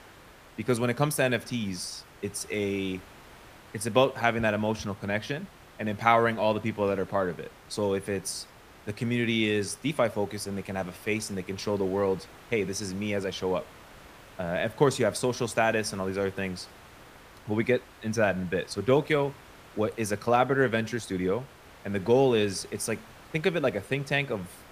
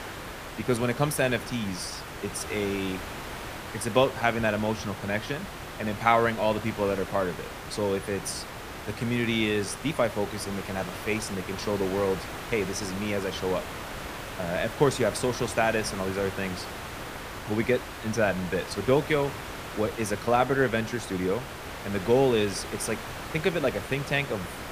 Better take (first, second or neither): first